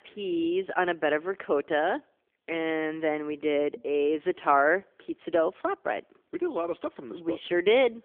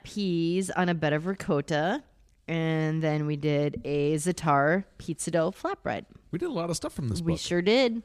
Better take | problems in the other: second | phone-call audio; nothing above 3.5 kHz

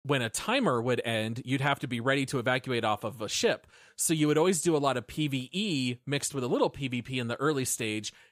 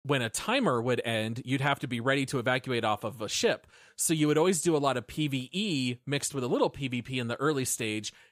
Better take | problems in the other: neither | none

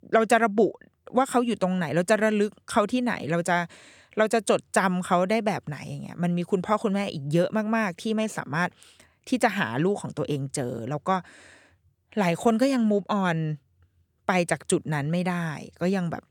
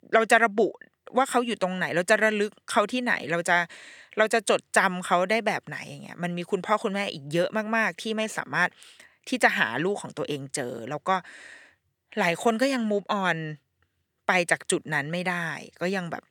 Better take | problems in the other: first | thin; very slightly; fading below 750 Hz

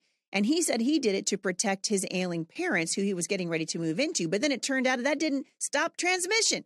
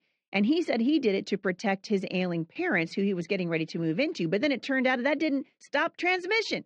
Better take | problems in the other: first | muffled; slightly; fading above 3.5 kHz

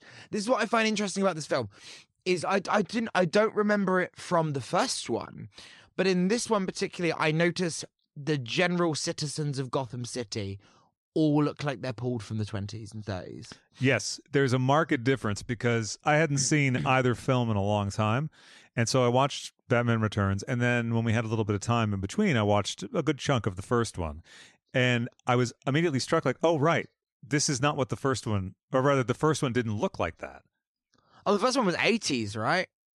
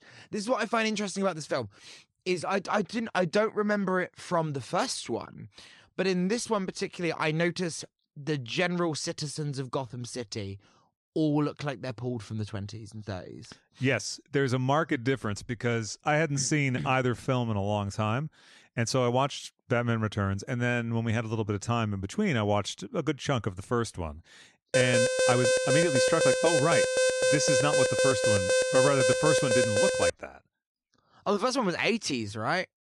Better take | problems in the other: first | alarm; loud; from 25 to 30 s; peak 5 dB above the speech

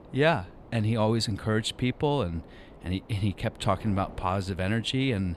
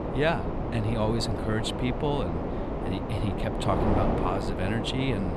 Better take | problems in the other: first | wind noise on the microphone; heavy; 1 dB below the speech; occasional gusts in the first

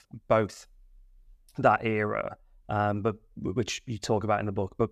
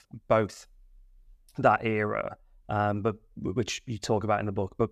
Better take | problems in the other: neither | none

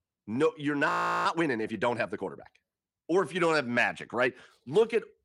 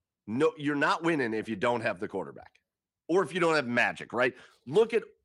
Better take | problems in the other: second | audio freezing; at 1 s

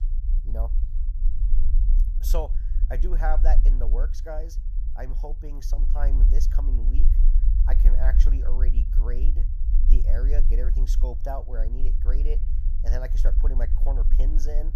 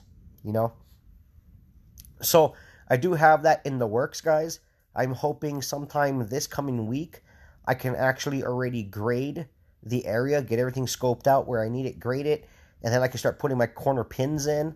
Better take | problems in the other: second | low rumble; loud; throughout; 10 dB below the speech

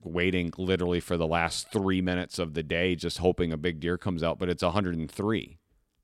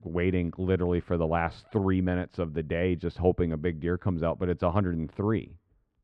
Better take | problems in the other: first | muffled; very; fading above 1.5 kHz

